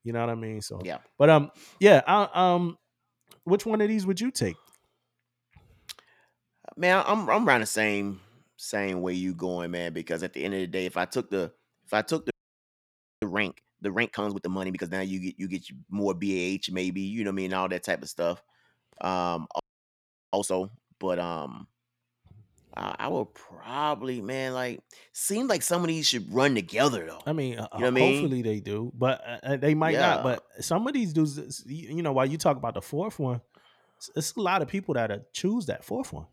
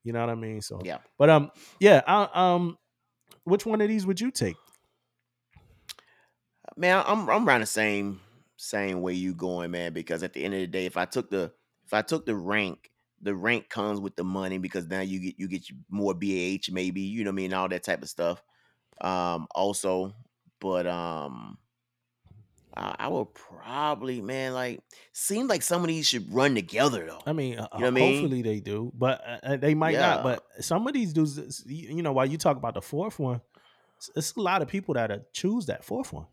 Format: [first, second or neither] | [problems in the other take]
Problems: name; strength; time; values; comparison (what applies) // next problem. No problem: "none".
second | audio freezing; at 12 s for 1 s and at 20 s for 0.5 s